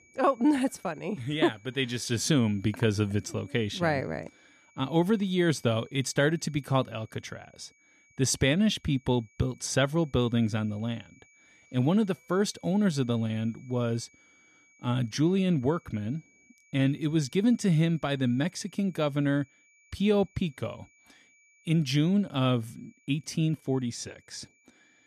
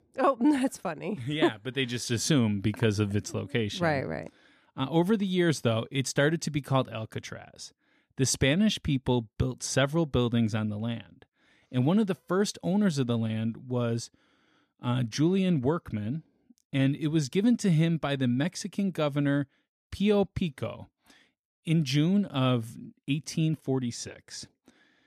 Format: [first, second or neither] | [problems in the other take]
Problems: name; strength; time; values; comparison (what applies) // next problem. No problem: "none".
second | high-pitched whine; faint; throughout; 2.5 kHz, 30 dB below the speech